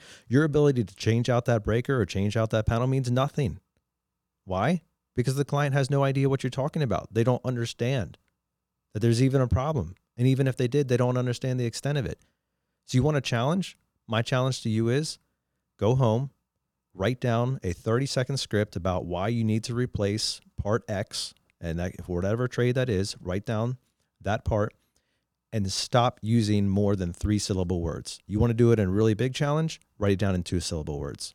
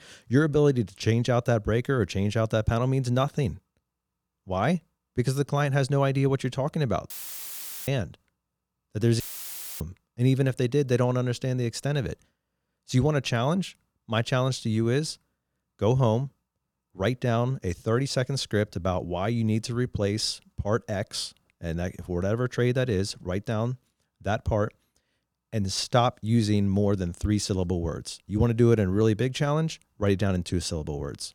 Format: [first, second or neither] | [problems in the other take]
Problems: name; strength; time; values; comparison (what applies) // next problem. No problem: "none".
first | audio cutting out; filled with static; at 7 s for 1 s and at 9 s for 0.5 s